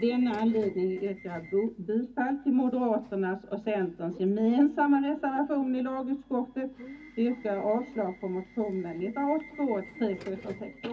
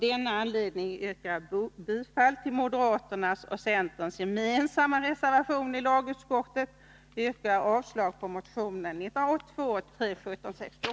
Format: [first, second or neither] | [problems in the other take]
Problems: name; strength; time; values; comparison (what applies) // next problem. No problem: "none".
second | background sound (Subway, metro, underground / Alarm); 20 dB below the speech // room echo; dies away in 0.4 s